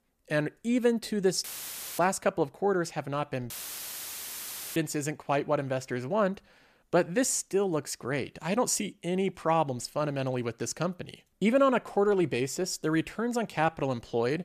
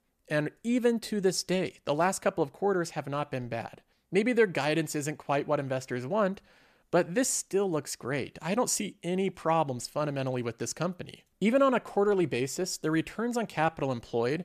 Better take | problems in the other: second | audio cutting out; filled with static; at 1.5 s for 0.5 s and at 3.5 s for 1.5 s

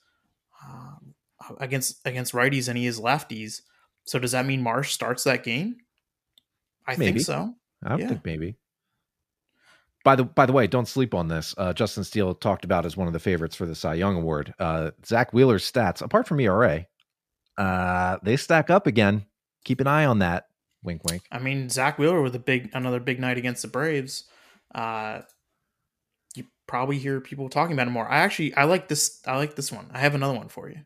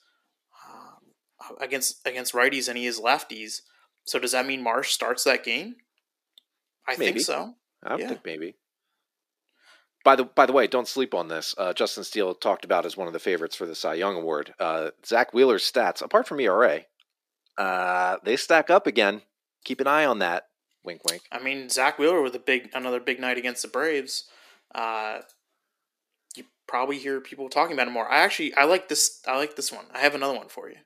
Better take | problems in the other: first | thin; somewhat; fading below 300 Hz

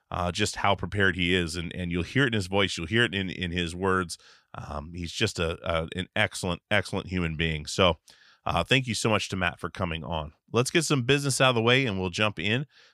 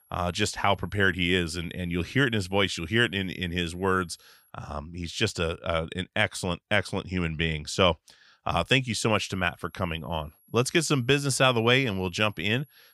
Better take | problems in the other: first | high-pitched whine; faint; until 4.5 s and from 9 s on; 11.5 kHz, 35 dB below the speech

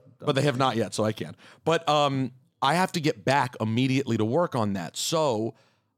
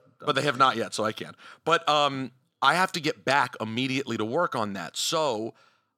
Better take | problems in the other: first | thin; very slightly; fading below 550 Hz

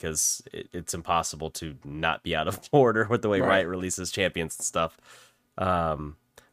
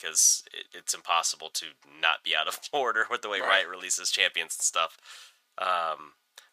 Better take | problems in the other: first | thin; very; fading below 900 Hz

